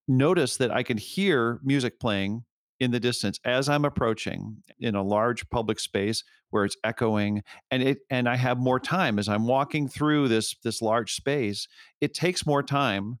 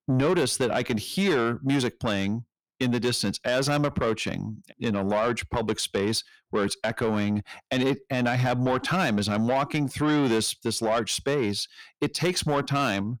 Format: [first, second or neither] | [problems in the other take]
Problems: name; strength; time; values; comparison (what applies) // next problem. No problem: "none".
first | distortion; slight; 10 dB below the speech